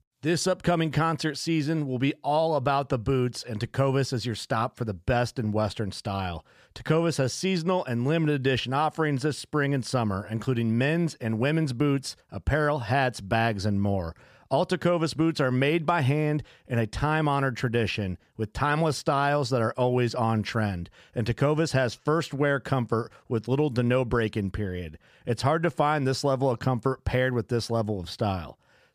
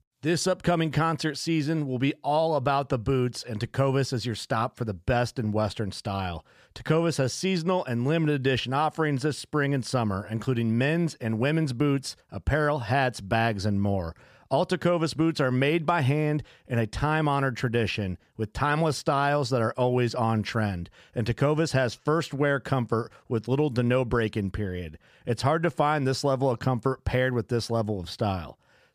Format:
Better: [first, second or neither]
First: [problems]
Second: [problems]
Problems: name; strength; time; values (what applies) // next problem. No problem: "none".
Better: neither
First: none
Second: none